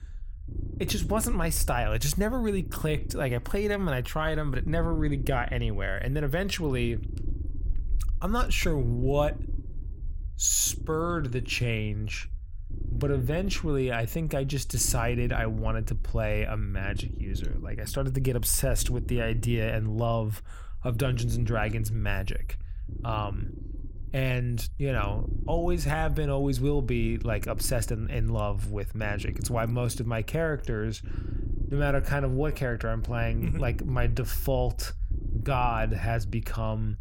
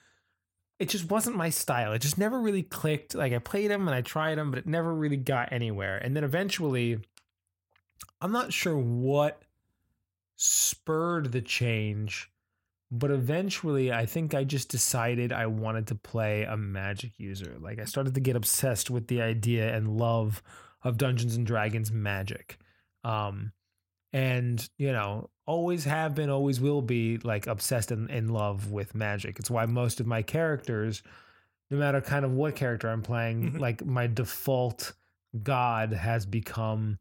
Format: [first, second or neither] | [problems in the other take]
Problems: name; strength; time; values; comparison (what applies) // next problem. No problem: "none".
second | low rumble; noticeable; throughout; 20 dB below the speech